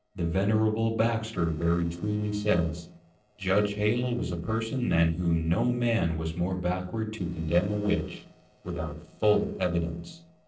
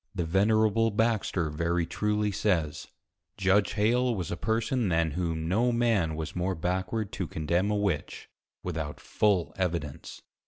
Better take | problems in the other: second | noise reduction (neural separator model SepFormer DNS4)

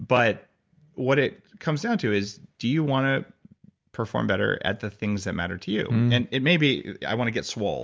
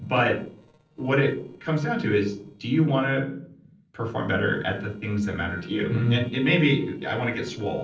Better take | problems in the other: first | noise reduction (neural separator model SepFormer DNS4)

